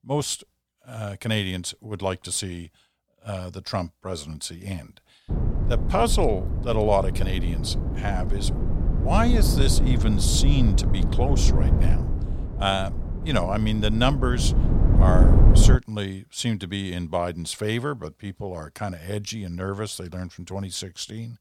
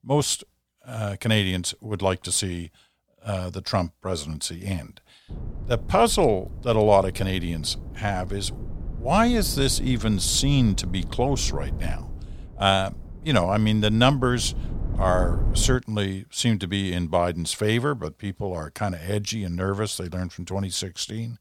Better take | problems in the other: second | low rumble; loud; from 5.5 to 16 s; 7 dB below the speech; faint in the second

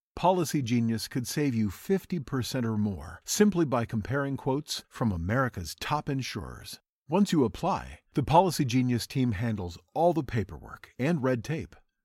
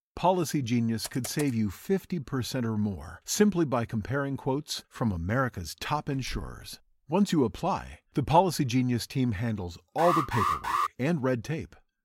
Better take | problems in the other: first | keyboard typing; faint; at 1 s; peak 10 dB below the speech // door banging; faint; at 6 s; peak 15 dB below the speech // alarm; loud; at 10 s; peak 2 dB above the speech

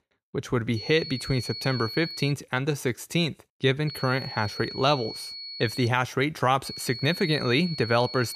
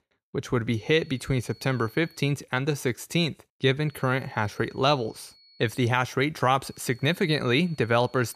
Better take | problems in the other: second | high-pitched whine; loud; from 1 to 2.5 s, from 4 to 6 s and from 6.5 s on; 4.5 kHz, 9 dB below the speech; faint in the second

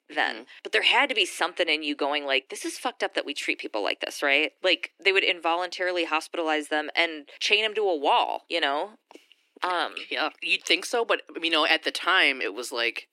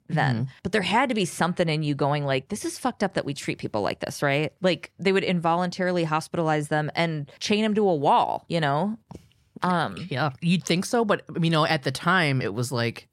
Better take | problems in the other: second | thin; somewhat; fading below 300 Hz

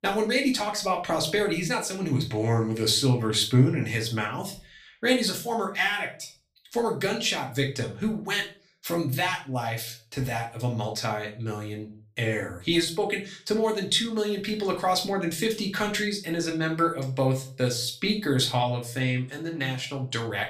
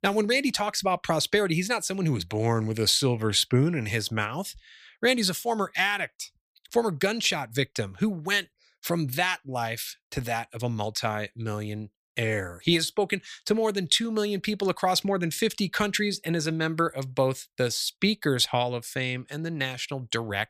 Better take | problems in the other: second | room echo; very slight; dies away in 0.3 s // off-mic speech; far

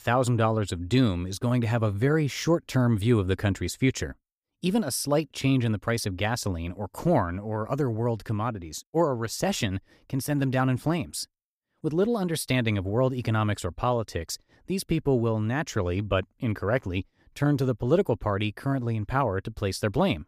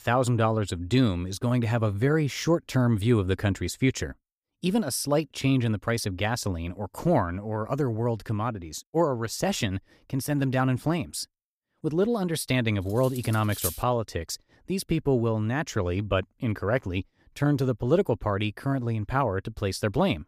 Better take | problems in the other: first | clattering dishes; noticeable; at 13 s; peak 4 dB below the speech

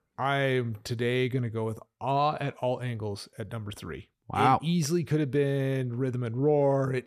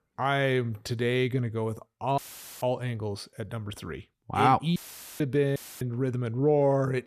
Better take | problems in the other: first | audio cutting out; filled with static; at 2 s, at 5 s and at 5.5 s

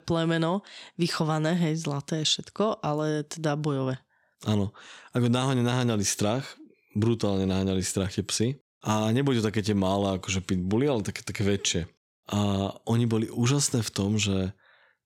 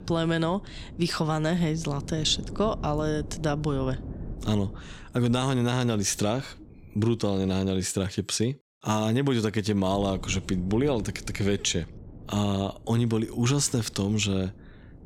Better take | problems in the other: first | wind noise on the microphone; occasional gusts; until 7.5 s and from 10 s on; 20 dB below the speech

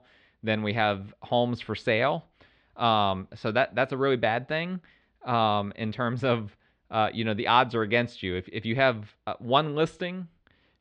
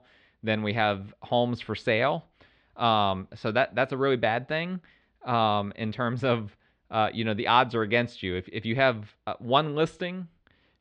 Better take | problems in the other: neither | muffled; slightly; fading above 4 kHz; the same in both

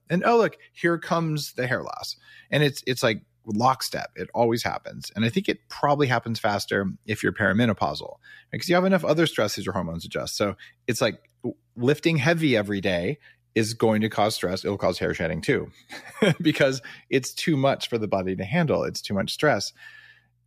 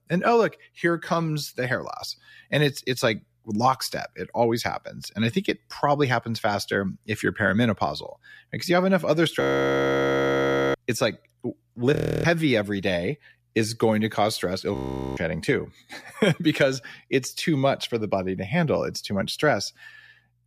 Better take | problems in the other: first | audio freezing; at 9.5 s for 1.5 s, at 12 s and at 15 s

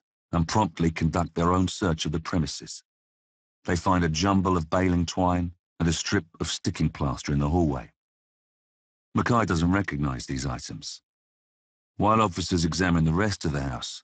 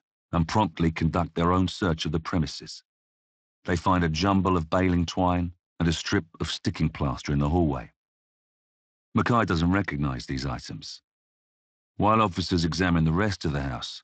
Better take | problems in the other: second | garbled, watery; badly; nothing above 7.5 kHz; slightly in the second

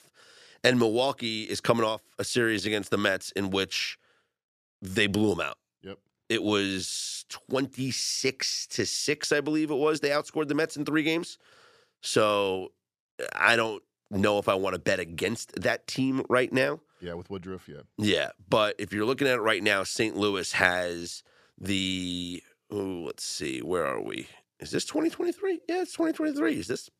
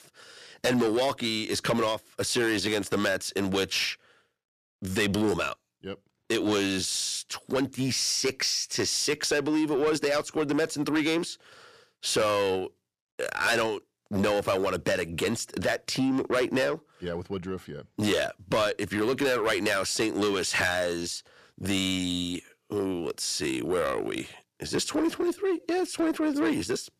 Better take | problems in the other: first | distortion; heavy; 8 dB below the speech

